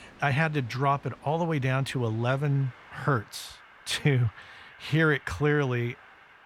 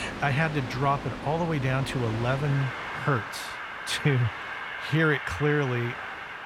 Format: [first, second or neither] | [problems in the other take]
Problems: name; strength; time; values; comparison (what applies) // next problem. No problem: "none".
first | train or aircraft noise; loud; throughout; 8 dB below the speech; faint in the first